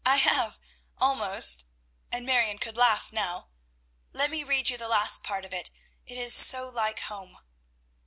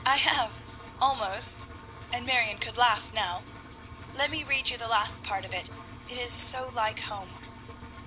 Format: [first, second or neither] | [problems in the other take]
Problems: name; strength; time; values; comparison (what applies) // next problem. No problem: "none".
first | background sound (Engine); 13 dB below the speech